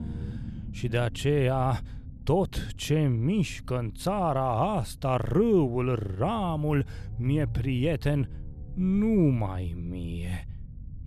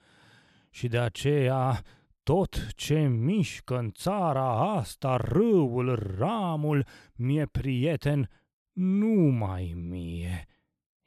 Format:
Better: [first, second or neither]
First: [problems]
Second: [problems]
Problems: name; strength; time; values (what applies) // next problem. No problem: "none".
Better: second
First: low rumble; faint; throughout; 25 dB below the speech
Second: none